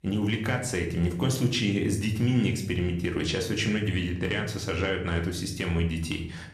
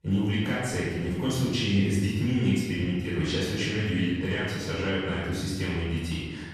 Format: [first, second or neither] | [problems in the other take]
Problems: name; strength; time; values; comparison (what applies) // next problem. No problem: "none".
first | room echo; strong; dies away in 1.2 s; slight in the first // off-mic speech; far